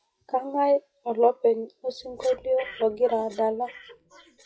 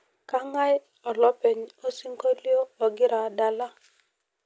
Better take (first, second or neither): second